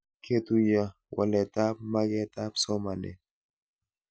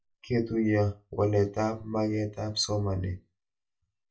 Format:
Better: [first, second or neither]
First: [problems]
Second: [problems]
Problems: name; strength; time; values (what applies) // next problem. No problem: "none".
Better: first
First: none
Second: room echo; dies away in 0.2 s